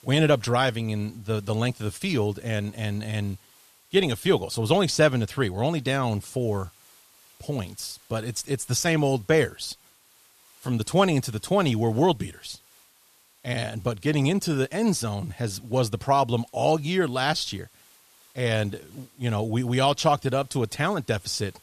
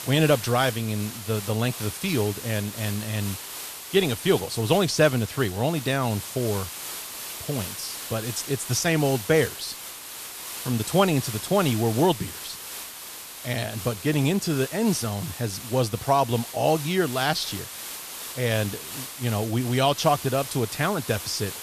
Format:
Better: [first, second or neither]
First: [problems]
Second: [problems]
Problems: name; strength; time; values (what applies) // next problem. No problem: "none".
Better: first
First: hiss; faint; throughout; 30 dB below the speech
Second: hiss; loud; throughout; 9 dB below the speech